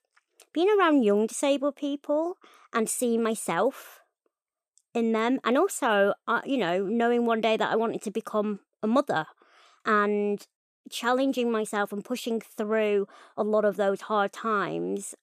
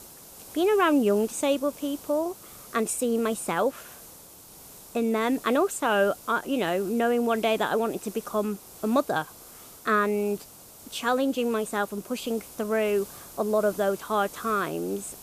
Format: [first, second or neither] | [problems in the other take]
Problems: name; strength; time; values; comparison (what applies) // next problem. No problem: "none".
first | hiss; noticeable; throughout; 20 dB below the speech